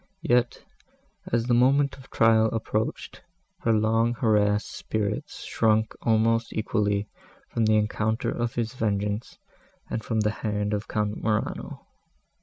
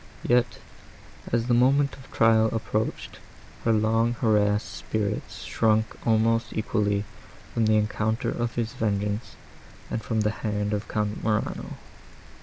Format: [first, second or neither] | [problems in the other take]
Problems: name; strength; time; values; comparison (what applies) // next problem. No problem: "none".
first | background sound (Rain); 18 dB below the speech